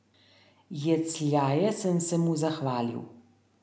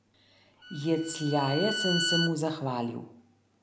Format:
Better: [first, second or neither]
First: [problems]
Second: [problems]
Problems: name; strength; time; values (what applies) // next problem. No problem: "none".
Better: first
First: none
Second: background sound (Bowed string instrument); 4 dB below the speech